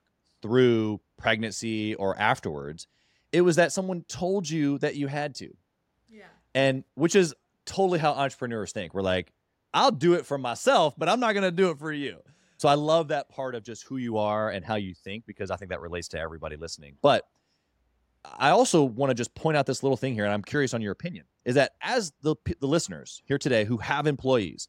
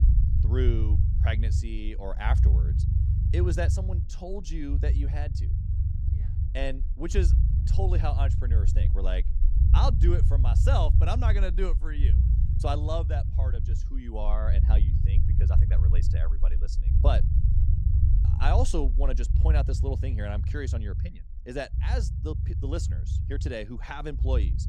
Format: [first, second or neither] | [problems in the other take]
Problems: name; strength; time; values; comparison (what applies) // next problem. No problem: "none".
first | low rumble; loud; throughout; 7 dB below the speech